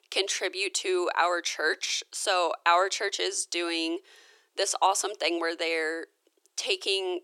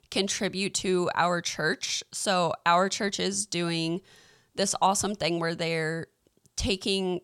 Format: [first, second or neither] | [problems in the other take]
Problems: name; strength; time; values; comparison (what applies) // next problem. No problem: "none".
second | thin; very; fading below 300 Hz